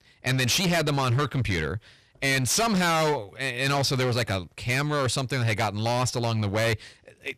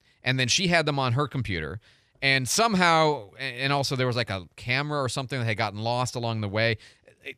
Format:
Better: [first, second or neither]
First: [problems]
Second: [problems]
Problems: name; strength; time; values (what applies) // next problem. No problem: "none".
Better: second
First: distortion; heavy; 19% of the sound clipped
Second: none